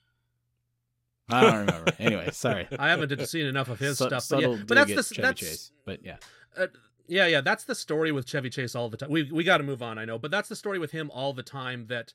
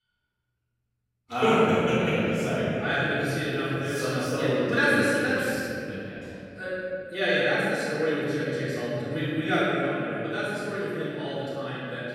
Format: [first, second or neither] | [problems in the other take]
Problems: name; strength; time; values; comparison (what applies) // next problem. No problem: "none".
first | off-mic speech; far // room echo; strong; dies away in 3 s